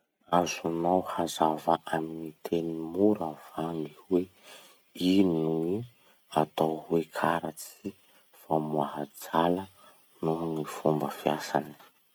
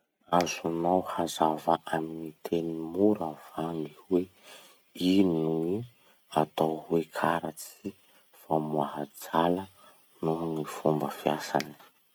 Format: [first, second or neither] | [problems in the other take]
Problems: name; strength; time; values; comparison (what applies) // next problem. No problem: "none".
first | background sound (Finger snapping); 14 dB below the speech